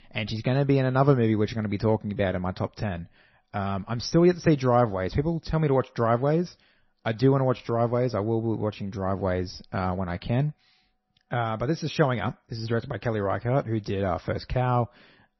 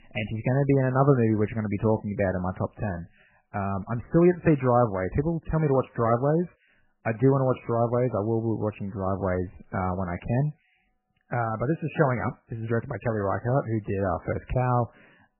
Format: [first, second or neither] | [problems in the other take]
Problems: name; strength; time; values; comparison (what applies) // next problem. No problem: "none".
first | garbled, watery; badly; nothing above 3 kHz; slightly in the first